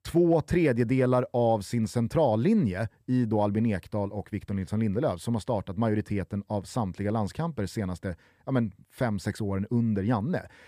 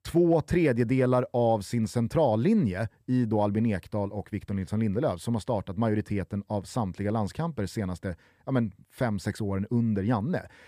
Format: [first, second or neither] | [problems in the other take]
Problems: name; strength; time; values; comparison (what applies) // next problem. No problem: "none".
neither | none